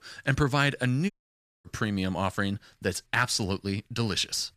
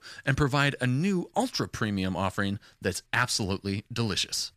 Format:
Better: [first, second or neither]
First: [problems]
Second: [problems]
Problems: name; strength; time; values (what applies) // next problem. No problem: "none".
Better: second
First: audio cutting out; at 1 s for 0.5 s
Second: none